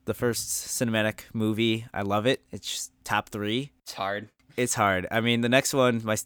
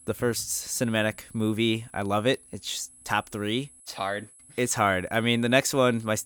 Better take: first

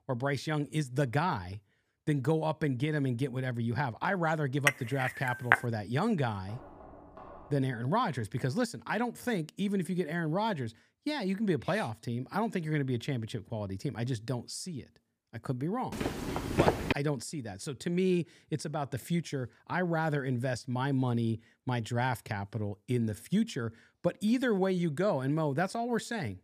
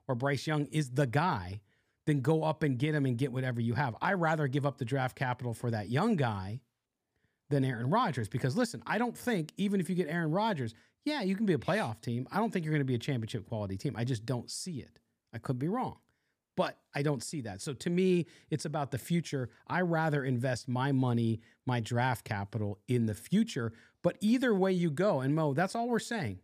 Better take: second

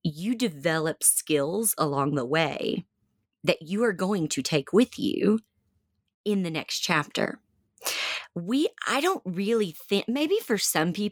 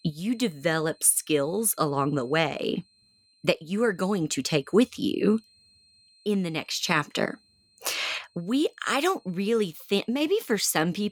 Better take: first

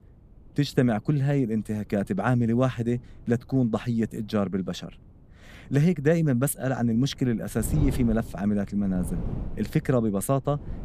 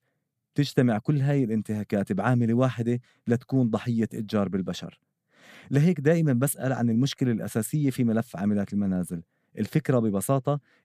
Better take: second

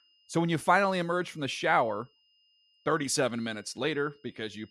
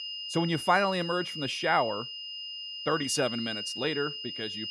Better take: first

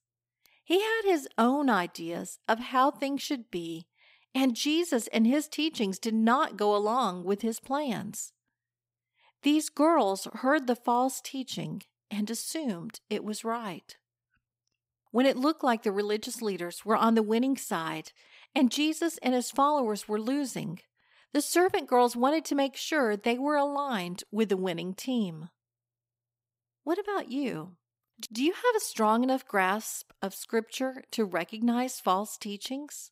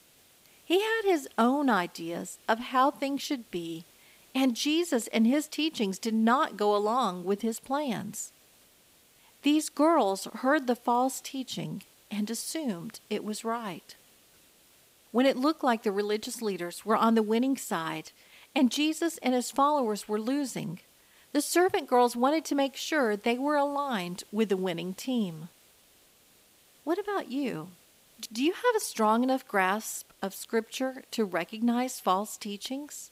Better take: first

